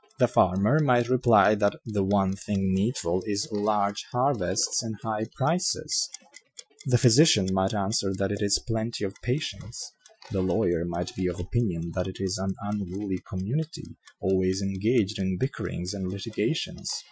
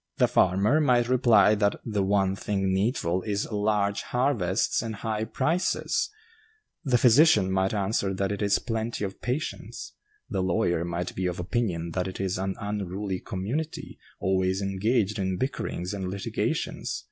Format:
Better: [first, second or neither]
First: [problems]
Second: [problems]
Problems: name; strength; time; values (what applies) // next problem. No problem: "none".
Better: second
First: noise reduction (classical method Wiener filter)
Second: none